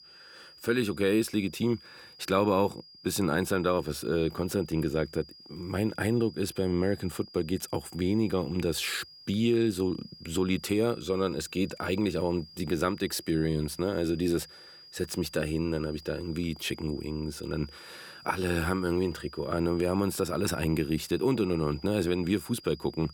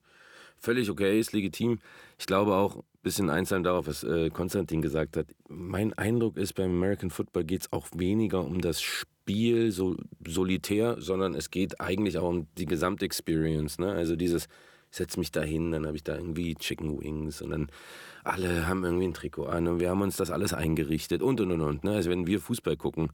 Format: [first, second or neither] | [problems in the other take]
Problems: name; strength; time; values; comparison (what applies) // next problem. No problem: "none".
second | high-pitched whine; noticeable; throughout; 5 kHz, 20 dB below the speech